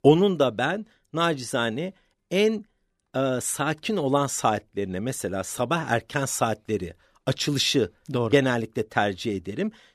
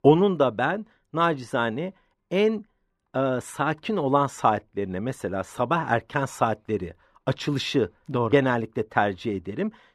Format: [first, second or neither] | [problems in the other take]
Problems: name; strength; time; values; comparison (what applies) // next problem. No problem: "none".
first | muffled; slightly; fading above 3.5 kHz